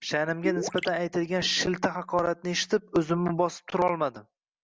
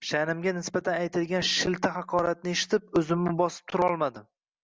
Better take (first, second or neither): second